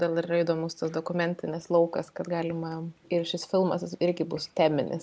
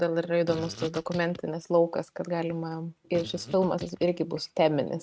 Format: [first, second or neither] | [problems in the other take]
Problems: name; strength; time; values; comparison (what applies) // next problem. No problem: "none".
first | noise reduction (neural mask model RNNoise)